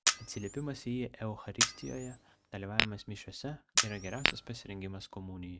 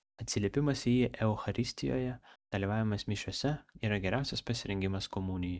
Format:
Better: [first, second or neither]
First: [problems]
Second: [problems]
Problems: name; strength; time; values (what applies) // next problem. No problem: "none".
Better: second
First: background sound (Camera + Tap / Glass); 5 dB above the speech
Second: none